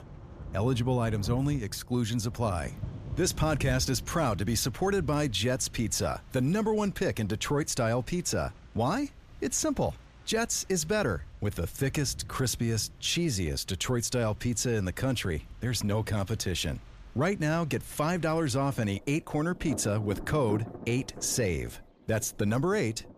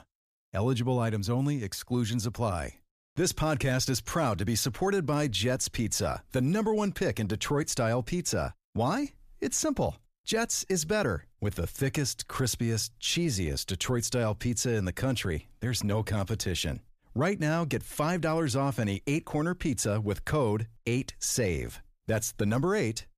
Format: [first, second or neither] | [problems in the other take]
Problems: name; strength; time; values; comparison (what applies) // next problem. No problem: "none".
second | rain or running water; noticeable; throughout; 15 dB below the speech